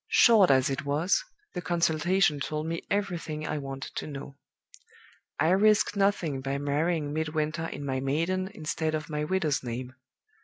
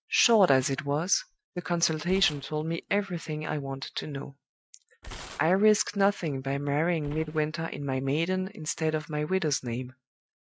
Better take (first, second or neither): first